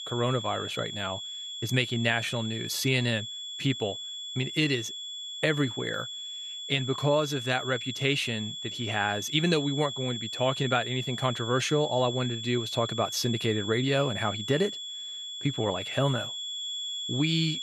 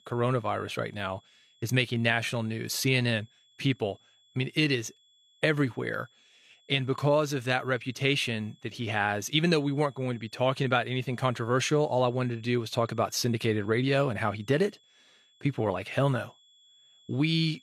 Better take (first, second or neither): second